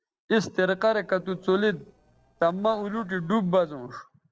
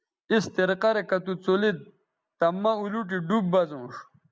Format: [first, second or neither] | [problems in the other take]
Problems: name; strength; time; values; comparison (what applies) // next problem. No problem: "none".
second | noise reduction (neural separator model SepFormer DNS4)